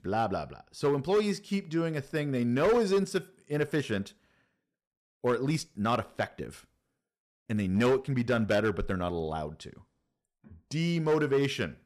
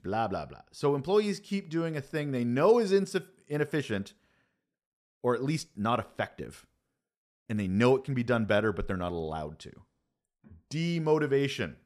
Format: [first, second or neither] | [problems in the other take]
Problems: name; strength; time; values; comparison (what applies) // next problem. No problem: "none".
second | distortion; slight; 4% of the sound clipped